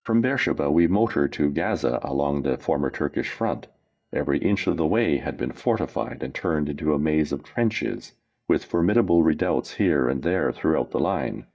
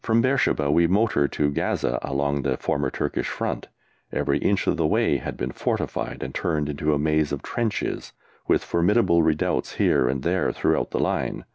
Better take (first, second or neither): second